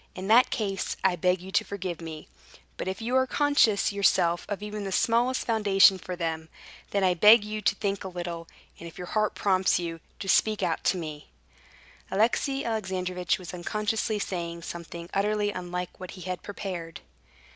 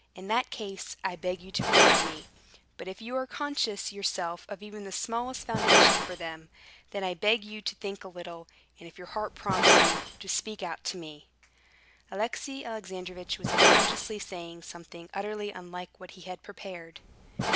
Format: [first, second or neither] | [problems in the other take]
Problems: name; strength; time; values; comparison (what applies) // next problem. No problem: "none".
first | background sound (Glass); 4 dB above the speech